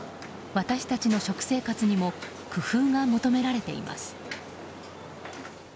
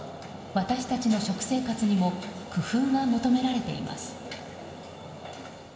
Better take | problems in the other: first | room echo; dies away in 2.9 s

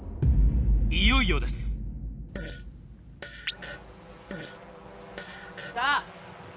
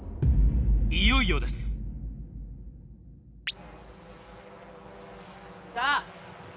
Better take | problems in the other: second | background sound (Fart); 17 dB below the speech

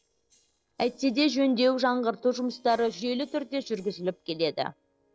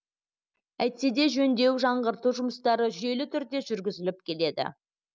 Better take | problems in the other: second | noise reduction (neural separator model SepFormer DNS4)

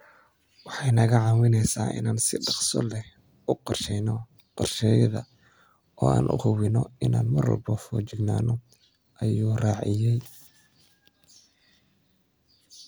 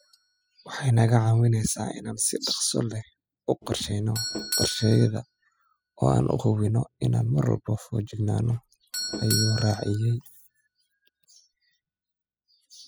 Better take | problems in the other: first | noise reduction (classical method spectral subtraction)

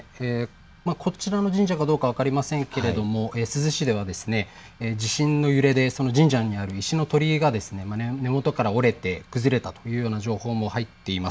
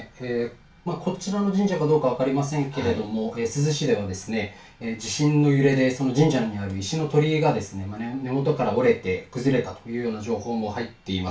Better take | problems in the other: first | room echo; dies away in 0.2 s

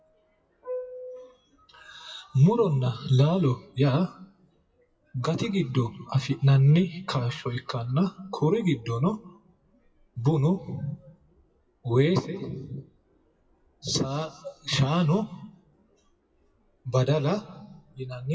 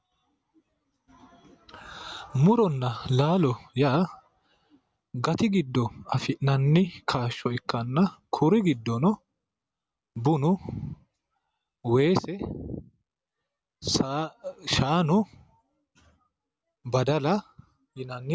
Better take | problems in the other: second | noise reduction (classical method WPE with log-MMSE)

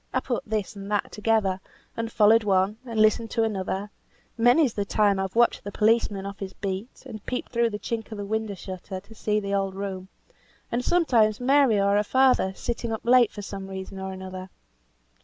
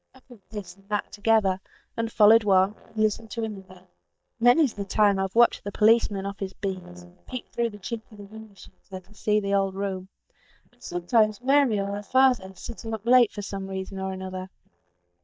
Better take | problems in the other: first | noise reduction (neural mask model DeepFilterNet 3)

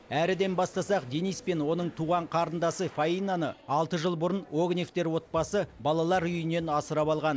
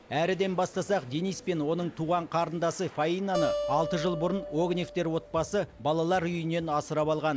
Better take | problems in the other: first | background sound (Acoustic guitar); 7 dB below the speech

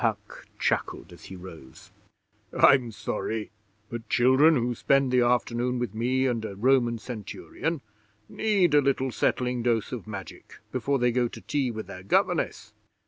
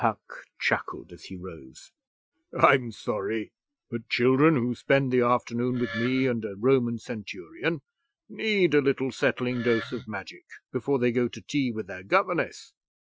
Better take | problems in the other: first | noise reduction (classical method Wiener filter)

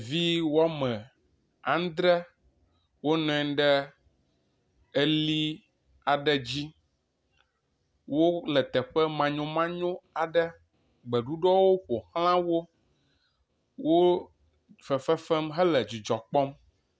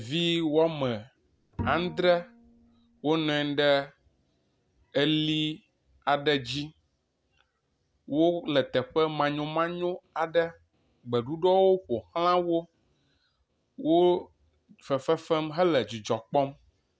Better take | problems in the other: first | background sound (Bowed string instrument); 14 dB below the speech

